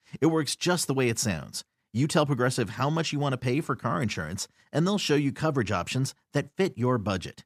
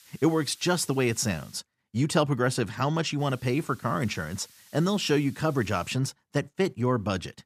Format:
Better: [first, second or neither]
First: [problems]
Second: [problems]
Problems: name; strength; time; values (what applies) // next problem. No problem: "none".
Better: first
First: none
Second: hiss; faint; until 1.5 s and from 3 to 6 s; 25 dB below the speech